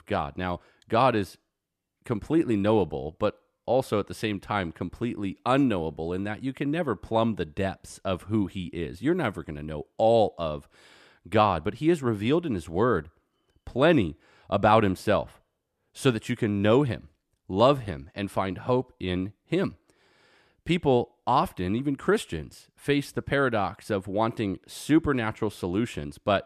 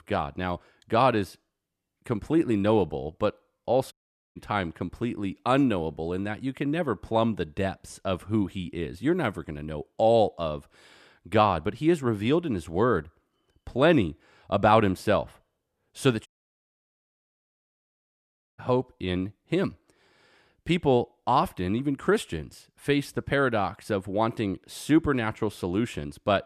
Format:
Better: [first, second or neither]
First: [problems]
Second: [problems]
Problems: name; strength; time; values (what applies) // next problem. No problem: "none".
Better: first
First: none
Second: audio cutting out; at 4 s and at 16 s for 2.5 s